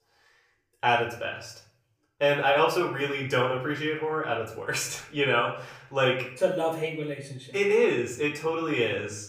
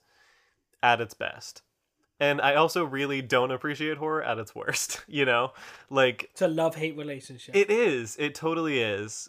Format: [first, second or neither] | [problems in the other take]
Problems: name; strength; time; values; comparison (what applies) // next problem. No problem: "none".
second | off-mic speech; far // room echo; slight; dies away in 0.5 s